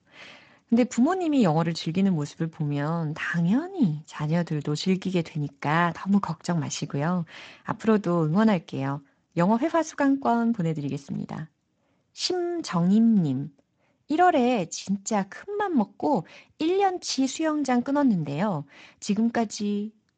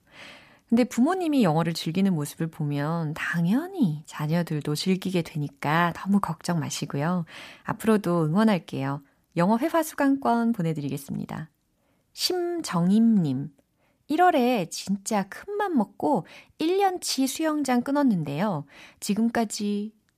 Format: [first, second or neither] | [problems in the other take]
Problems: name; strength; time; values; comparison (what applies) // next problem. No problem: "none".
second | garbled, watery; slightly; nothing above 7.5 kHz